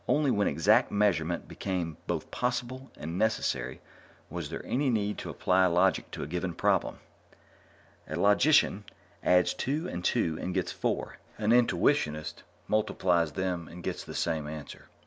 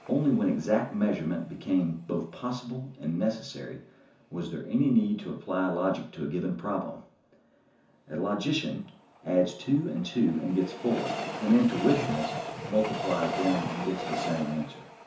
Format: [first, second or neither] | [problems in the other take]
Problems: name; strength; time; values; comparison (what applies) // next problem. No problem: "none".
first | background sound (Train); 10 dB below the speech // room echo; dies away in 0.9 s